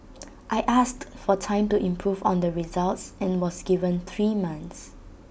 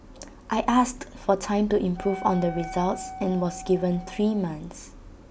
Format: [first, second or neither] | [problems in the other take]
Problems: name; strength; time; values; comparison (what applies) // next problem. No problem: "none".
first | background sound (Wind instrument, woodwind instrument); 14 dB below the speech